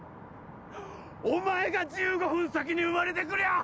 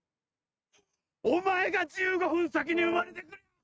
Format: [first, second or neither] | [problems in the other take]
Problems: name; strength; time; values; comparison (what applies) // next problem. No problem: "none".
first | noise reduction (neural mask model RNNoise)